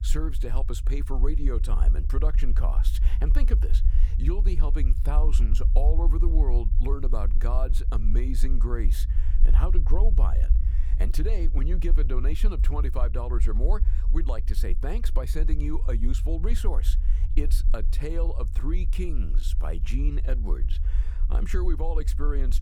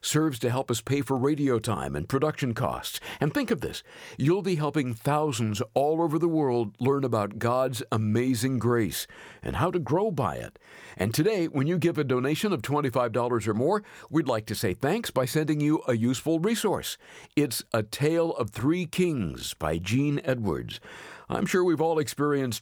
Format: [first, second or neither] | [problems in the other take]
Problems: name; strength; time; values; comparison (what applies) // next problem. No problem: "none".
second | low rumble; noticeable; throughout; 10 dB below the speech